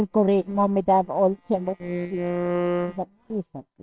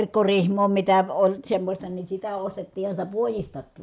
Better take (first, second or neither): second